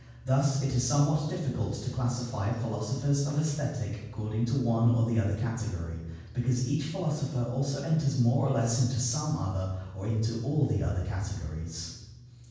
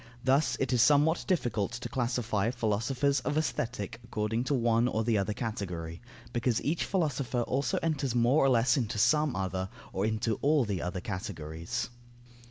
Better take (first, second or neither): second